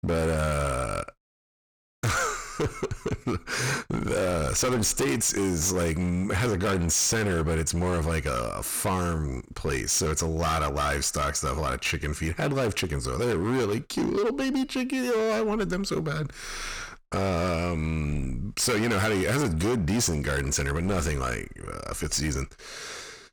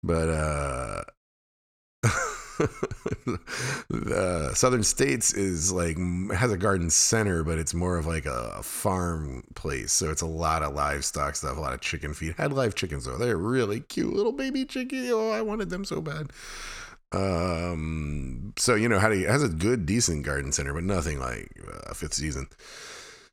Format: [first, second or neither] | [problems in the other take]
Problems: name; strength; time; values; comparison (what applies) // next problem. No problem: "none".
second | distortion; heavy; 18% of the sound clipped